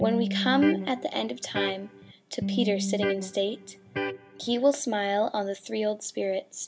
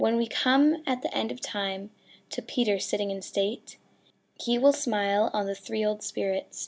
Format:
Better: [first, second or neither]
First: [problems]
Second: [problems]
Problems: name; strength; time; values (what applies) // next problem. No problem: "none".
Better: second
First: background sound (Electric guitar); 3 dB below the speech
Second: none